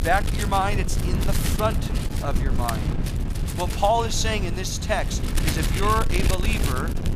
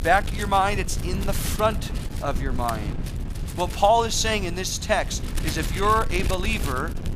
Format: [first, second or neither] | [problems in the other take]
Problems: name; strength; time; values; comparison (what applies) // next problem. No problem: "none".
second | wind noise on the microphone; heavy; 7 dB below the speech; occasional gusts in the second